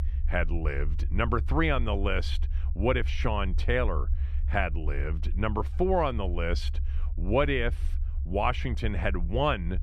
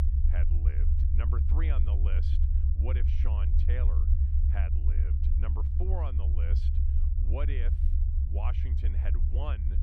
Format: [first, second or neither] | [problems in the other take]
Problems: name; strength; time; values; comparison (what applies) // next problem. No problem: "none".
first | low rumble; loud; throughout; 2 dB below the speech; faint in the first